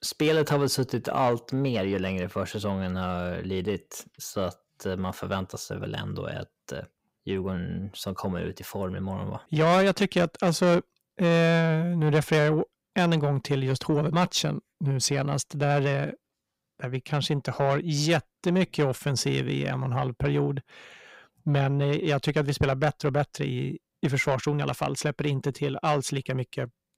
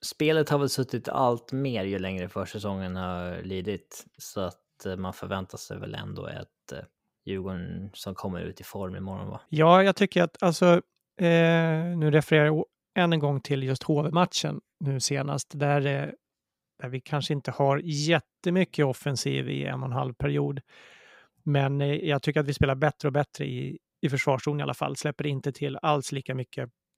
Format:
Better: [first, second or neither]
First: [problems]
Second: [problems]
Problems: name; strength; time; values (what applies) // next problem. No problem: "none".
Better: second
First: distortion; slight; 10 dB below the speech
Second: none